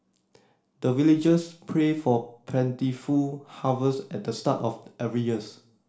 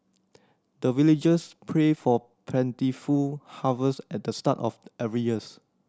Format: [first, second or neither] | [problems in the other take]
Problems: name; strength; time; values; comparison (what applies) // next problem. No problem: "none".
second | room echo; dies away in 0.4 s